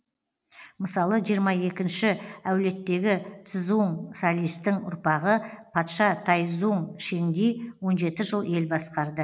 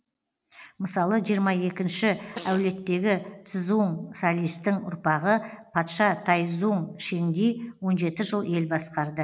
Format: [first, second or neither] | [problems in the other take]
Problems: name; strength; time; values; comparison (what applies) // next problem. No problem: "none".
first | background sound (Fart); 16 dB below the speech